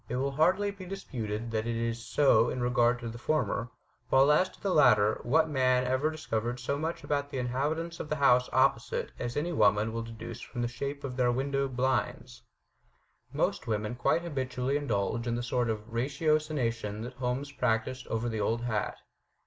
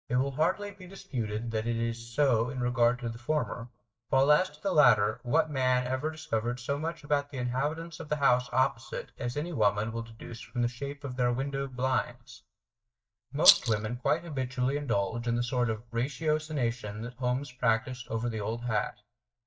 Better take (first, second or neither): first